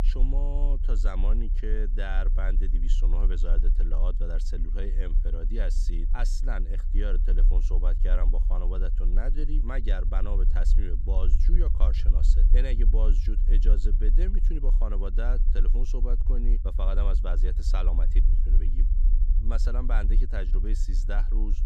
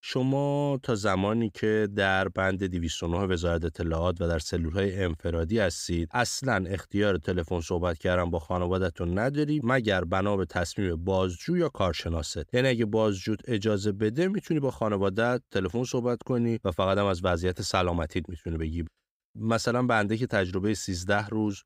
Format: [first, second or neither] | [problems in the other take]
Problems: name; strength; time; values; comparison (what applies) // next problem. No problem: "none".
second | low rumble; noticeable; throughout; 10 dB below the speech